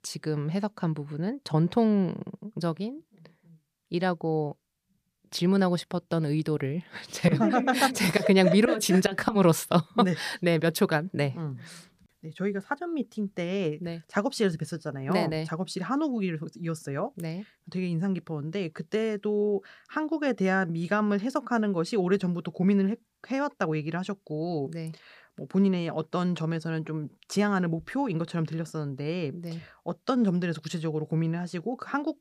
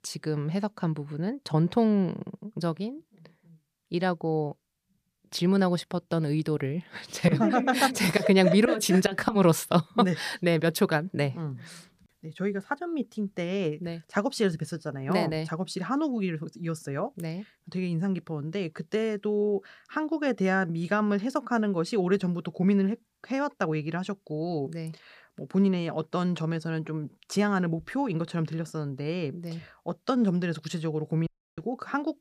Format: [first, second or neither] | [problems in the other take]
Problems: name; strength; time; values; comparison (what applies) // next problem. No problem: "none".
first | audio cutting out; at 31 s